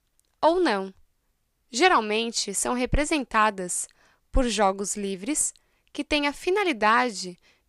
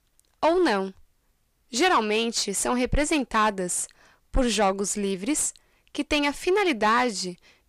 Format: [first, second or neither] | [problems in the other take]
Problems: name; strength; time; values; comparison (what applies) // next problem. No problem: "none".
first | distortion; slight; 10 dB below the speech